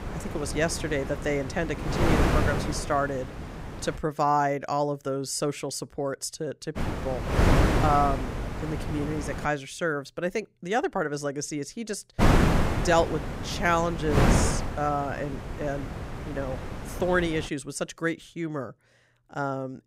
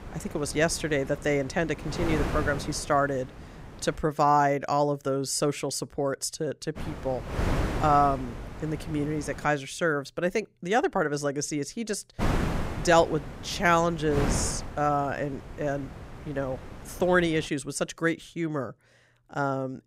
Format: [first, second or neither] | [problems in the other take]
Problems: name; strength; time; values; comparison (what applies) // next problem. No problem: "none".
second | wind noise on the microphone; heavy; until 4 s, from 7 to 9.5 s and from 12 to 17 s; 3 dB below the speech; occasional gusts in the second